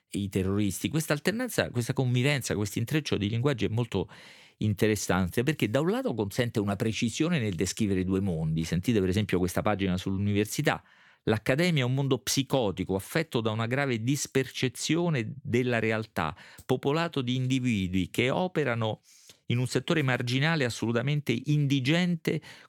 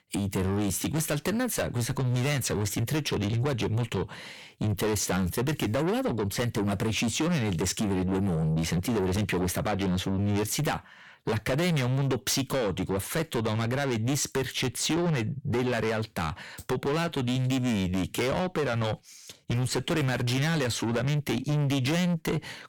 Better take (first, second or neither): first